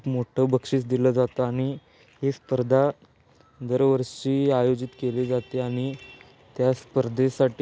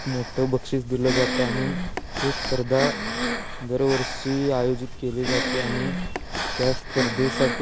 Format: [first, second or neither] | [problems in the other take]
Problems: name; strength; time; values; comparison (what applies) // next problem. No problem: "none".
first | background sound (Breathing); 3 dB below the speech